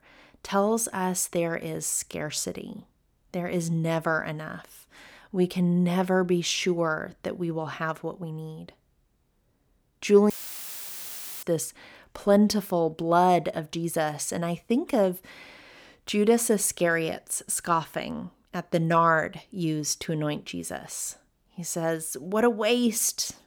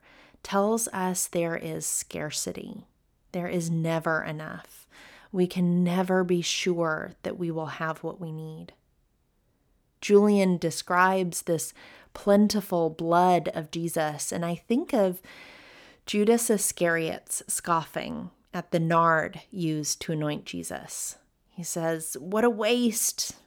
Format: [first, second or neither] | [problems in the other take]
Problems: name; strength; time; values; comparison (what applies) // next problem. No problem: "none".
second | audio cutting out; filled with static; at 10 s for 1 s